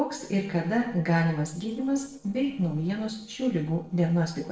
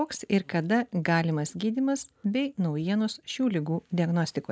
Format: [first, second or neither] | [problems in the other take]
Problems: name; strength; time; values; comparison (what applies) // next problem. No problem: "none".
second | noise reduction (neural separator model SepFormer DNS4)